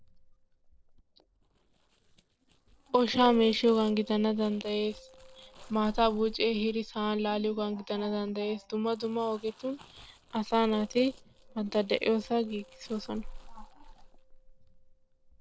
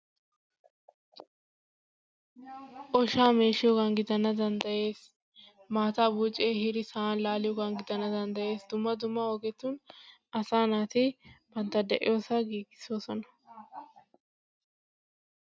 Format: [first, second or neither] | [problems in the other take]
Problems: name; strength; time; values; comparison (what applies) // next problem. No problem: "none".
second | noise reduction (neural separator model SepFormer DNS4)